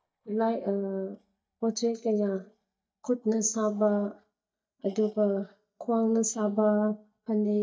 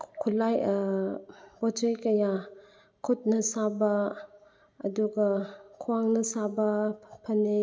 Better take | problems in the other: second | noise reduction (neural mask model DeepFilterNet 3)

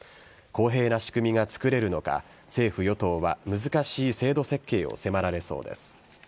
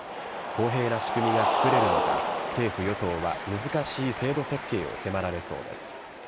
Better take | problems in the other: first | background sound (Cheering); as loud as the speech

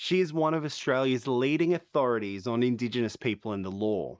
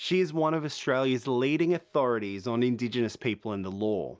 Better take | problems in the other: second | noise reduction (neural mask model Resemble Enhance denoiser)

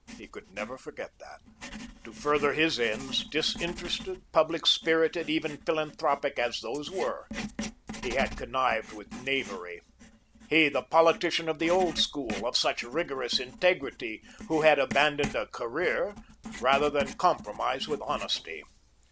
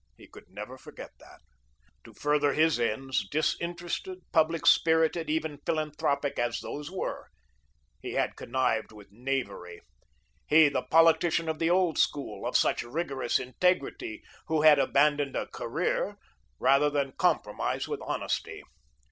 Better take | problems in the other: second | background sound (Writing); 14 dB below the speech

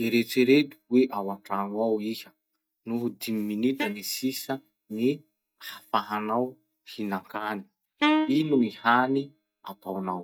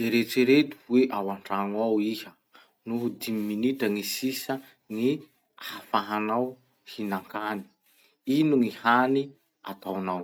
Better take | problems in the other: second | noise reduction (neural mask model DeepFilterNet 3)

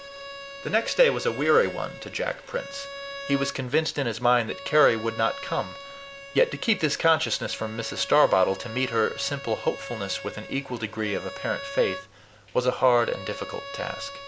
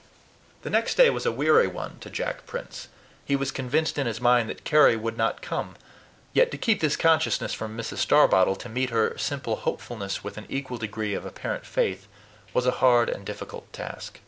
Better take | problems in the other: second | background sound (Bowed string instrument); 13 dB below the speech

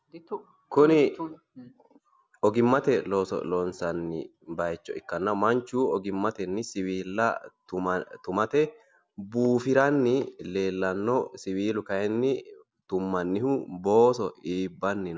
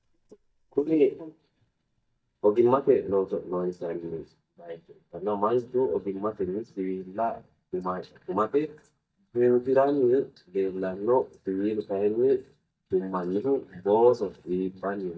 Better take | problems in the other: first | noise reduction (neural mask model DeepFilterNet 3)

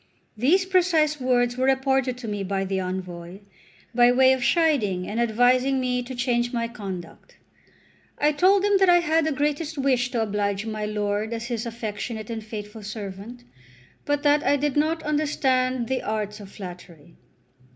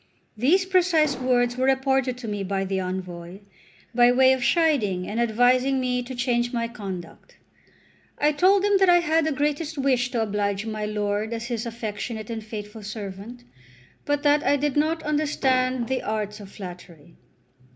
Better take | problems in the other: first | background sound (Explosion); 12 dB below the speech

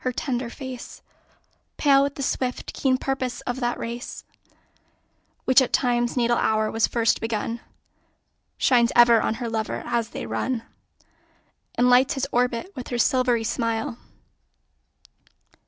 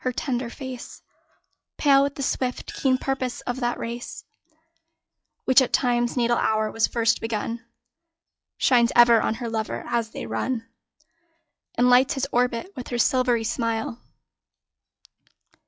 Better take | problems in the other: first | noise reduction (classical method log-MMSE)

